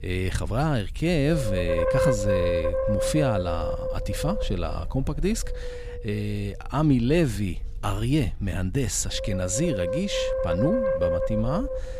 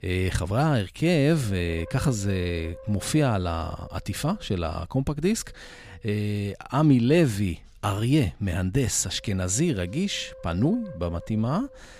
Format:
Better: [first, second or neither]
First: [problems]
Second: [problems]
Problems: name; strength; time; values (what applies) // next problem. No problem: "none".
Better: second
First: wind noise on the microphone; heavy; 3 dB above the speech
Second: wind noise on the microphone; occasional gusts; 15 dB below the speech